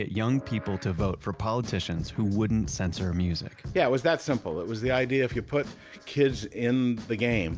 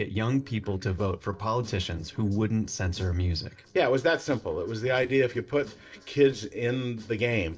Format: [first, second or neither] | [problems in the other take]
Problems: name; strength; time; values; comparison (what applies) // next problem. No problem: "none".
first | noise reduction (neural separator model SepFormer DNS4)